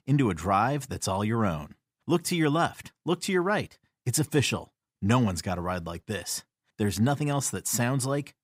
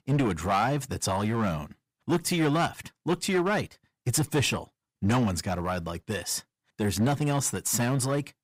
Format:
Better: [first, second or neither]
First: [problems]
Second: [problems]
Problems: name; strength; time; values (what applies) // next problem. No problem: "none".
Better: first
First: none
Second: distortion; slight; 7% of the sound clipped